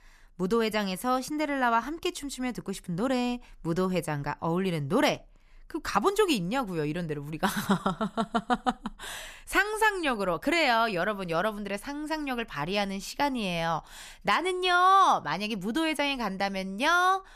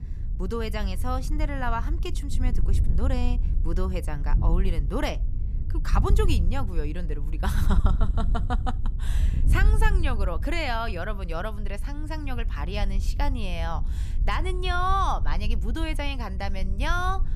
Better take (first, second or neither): first